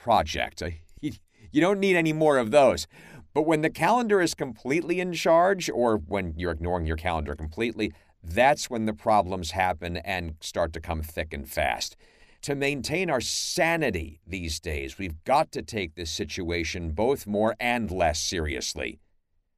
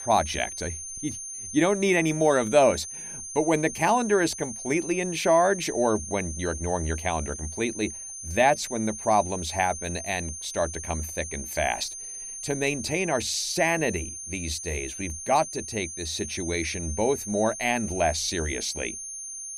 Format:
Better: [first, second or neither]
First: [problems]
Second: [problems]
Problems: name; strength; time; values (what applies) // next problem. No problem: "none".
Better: first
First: none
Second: high-pitched whine; loud; throughout; 6.5 kHz, 8 dB below the speech